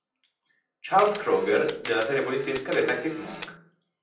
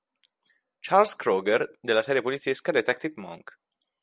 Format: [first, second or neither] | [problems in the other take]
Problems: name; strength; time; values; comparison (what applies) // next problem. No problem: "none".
second | background sound (Camera); 14 dB below the speech // room echo; dies away in 0.6 s